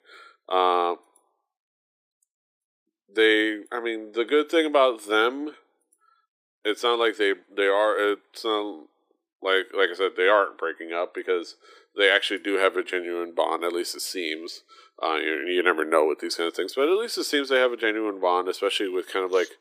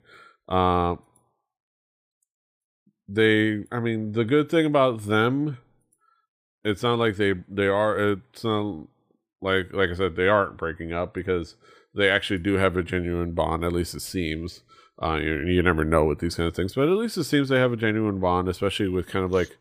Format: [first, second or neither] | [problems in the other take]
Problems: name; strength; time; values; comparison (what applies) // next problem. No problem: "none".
second | thin; somewhat; fading below 350 Hz